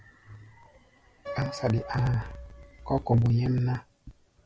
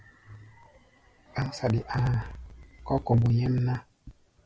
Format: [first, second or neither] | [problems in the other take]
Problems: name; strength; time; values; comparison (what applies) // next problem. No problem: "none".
second | background sound (Piano); 18 dB below the speech